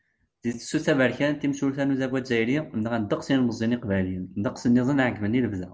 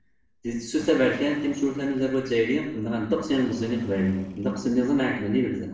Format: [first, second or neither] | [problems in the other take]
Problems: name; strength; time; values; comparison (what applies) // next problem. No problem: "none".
first | noise reduction (neural separator model SepFormer DNS4)